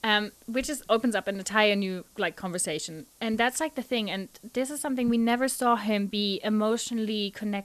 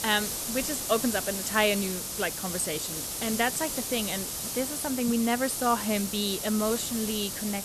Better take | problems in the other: first | hiss; loud; throughout; 2 dB below the speech; faint in the first

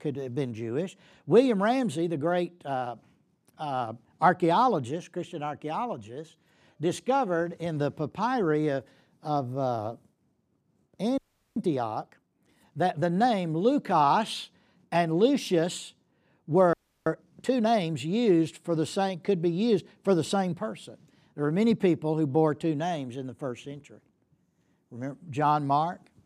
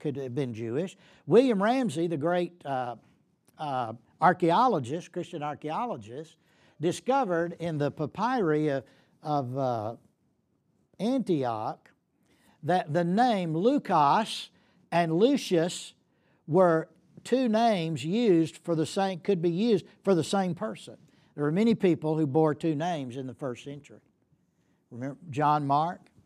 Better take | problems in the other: second | audio freezing; at 11 s and at 17 s

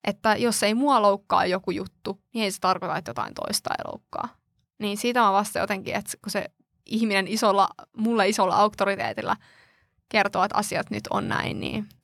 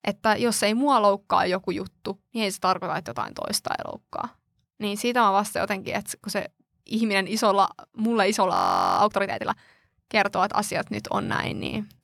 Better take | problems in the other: first | audio freezing; at 8.5 s

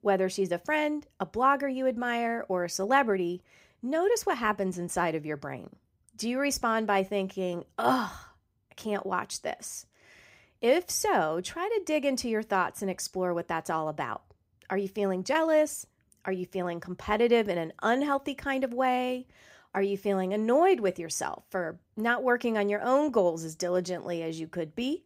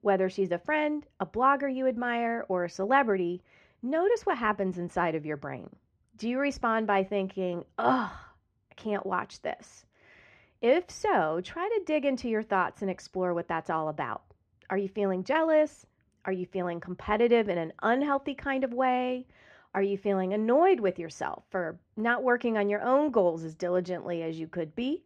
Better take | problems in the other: first | muffled; slightly; fading above 3 kHz

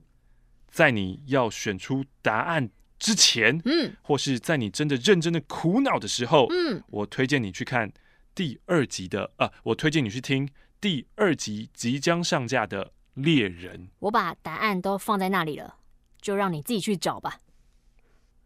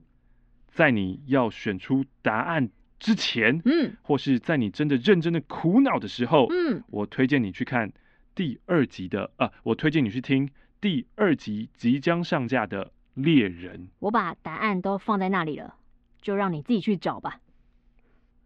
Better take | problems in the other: first | muffled; slightly; fading above 3 kHz

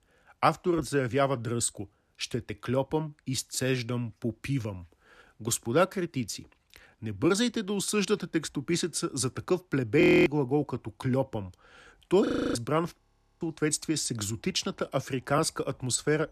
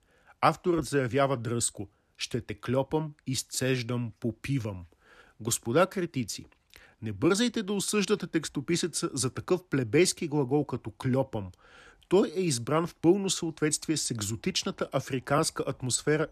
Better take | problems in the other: second | audio freezing; at 10 s, at 12 s and at 13 s

